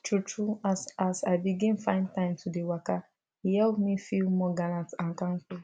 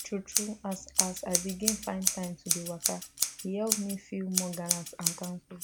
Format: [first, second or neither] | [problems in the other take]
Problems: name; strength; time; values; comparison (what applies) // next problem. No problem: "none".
first | background sound (Scissors); 2 dB above the speech